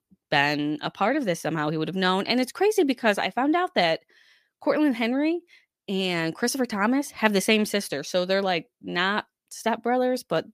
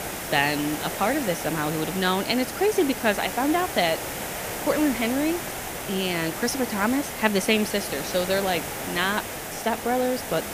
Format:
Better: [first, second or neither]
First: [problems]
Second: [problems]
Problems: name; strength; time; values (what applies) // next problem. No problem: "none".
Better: first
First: none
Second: hiss; loud; throughout; 6 dB below the speech